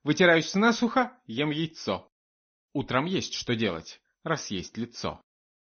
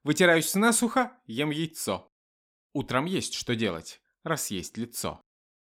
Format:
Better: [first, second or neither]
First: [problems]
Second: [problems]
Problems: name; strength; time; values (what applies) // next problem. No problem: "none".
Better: second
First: garbled, watery; slightly; nothing above 6.5 kHz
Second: none